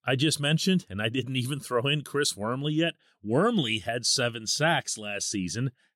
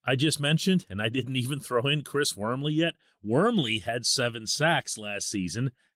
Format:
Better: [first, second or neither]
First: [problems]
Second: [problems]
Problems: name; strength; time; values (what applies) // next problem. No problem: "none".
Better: first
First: none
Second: garbled, watery; slightly; nothing above 16 kHz